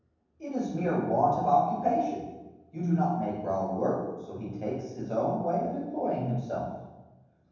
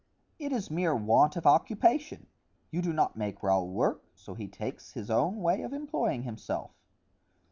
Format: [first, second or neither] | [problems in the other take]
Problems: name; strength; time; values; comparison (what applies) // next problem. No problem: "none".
second | room echo; dies away in 1.1 s